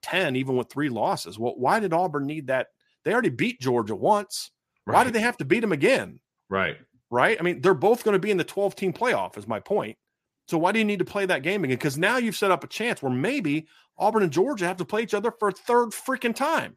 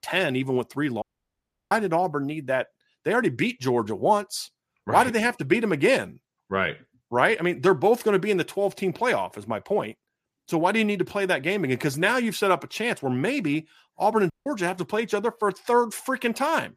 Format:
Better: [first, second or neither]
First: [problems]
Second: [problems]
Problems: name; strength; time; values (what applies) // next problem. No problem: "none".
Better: first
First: none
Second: audio cutting out; at 1 s for 0.5 s and at 14 s